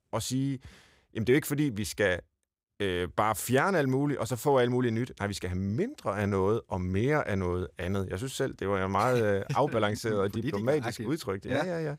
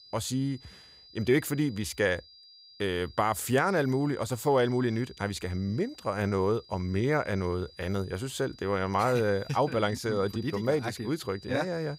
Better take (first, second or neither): first